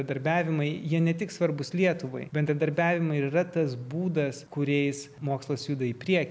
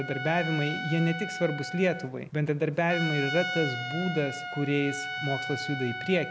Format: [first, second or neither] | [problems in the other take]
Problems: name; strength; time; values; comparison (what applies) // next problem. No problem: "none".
first | background sound (Trumpet); 6 dB below the speech